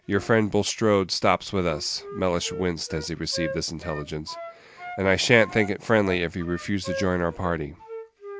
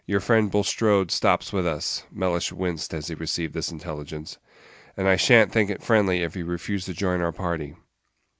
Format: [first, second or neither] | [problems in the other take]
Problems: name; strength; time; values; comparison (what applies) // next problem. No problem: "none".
second | background sound (Wind instrument, woodwind instrument); 14 dB below the speech